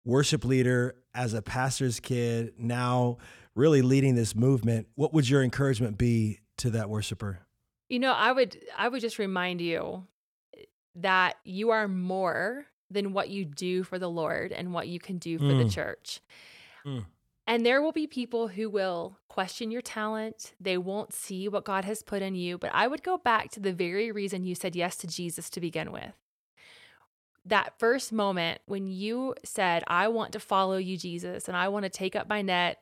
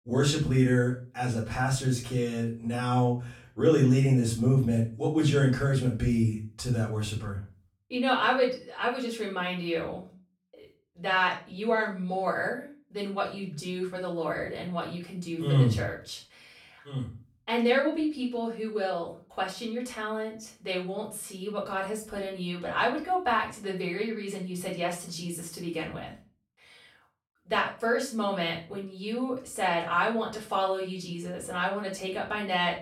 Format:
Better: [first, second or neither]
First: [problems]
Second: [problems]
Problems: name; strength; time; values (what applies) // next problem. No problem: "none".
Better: first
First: none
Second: off-mic speech; far // room echo; slight; dies away in 0.3 s